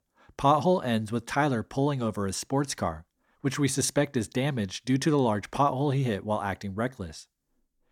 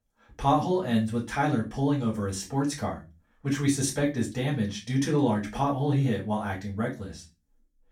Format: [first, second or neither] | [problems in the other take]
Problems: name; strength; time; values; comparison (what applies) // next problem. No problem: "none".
first | off-mic speech; far // room echo; very slight; dies away in 0.3 s